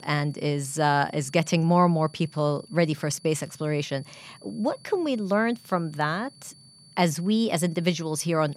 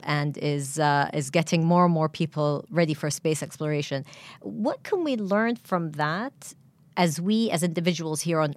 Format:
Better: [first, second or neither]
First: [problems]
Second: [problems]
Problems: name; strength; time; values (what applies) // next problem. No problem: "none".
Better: second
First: high-pitched whine; faint; throughout; 4.5 kHz, 25 dB below the speech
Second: none